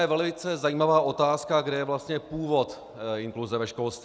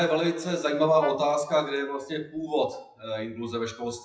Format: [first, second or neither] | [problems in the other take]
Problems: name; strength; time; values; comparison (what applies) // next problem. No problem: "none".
first | noise reduction (classical method WPE with log-MMSE)